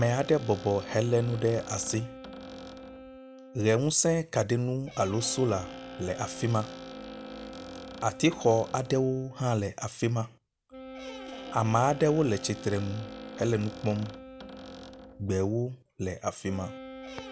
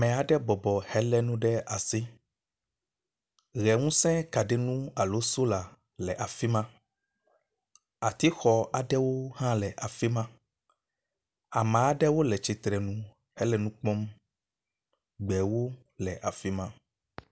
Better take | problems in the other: second | background sound (Wind instrument, woodwind instrument + Squeak); 14 dB below the speech

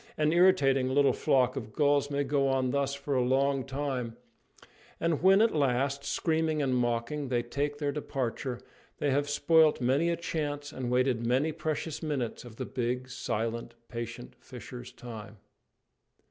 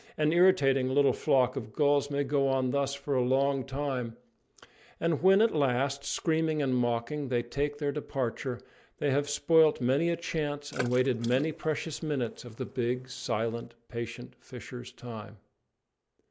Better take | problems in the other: first | noise reduction (neural mask model Resemble Enhance denoiser)

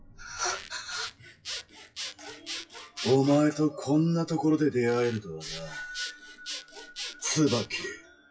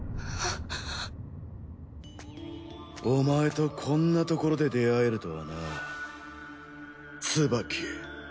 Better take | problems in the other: second | noise reduction (classical method WPE with log-MMSE)

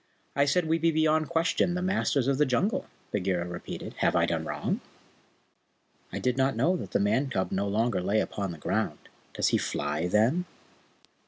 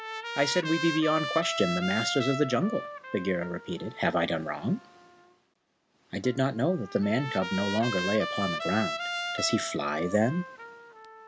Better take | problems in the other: first | background sound (Trumpet); 7 dB below the speech

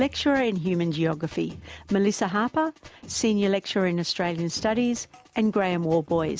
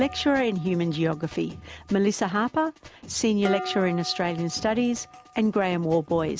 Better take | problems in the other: first | background sound (Dishes, pots, and pans); 15 dB below the speech

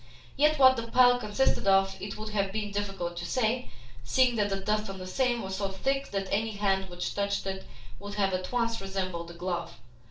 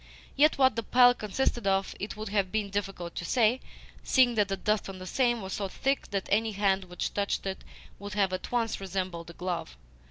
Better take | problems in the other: second | room echo; dies away in 0.3 s

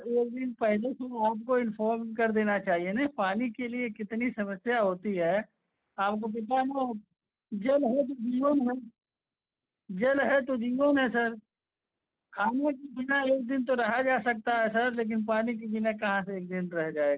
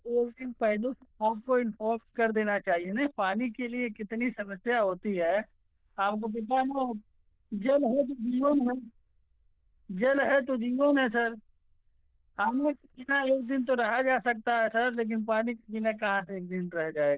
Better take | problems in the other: first | noise reduction (neural diffusion model UNIVERSE++)

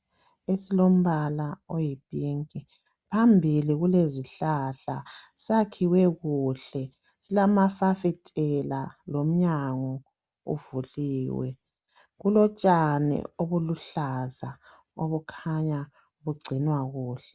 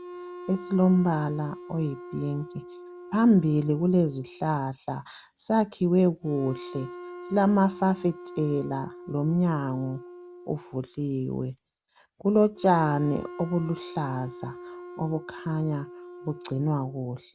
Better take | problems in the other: first | background sound (Wind instrument, woodwind instrument); 16 dB below the speech

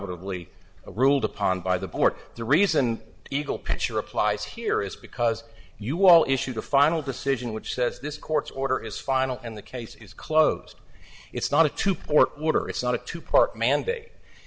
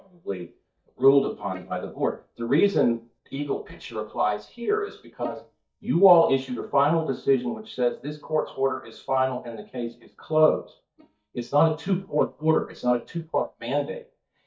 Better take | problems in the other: first | noise reduction (neural mask model DeepFilterNet 3)

